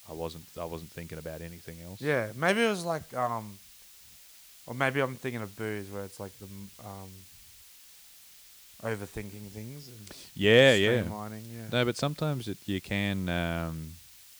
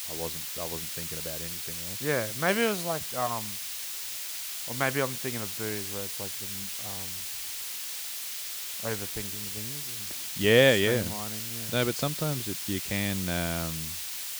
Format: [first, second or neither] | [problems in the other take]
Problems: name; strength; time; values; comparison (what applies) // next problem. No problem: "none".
first | hiss; loud; throughout; 4 dB below the speech; faint in the first